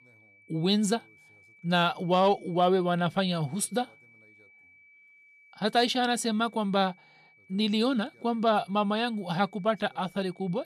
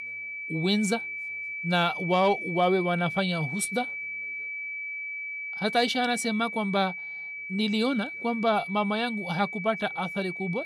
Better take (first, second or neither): first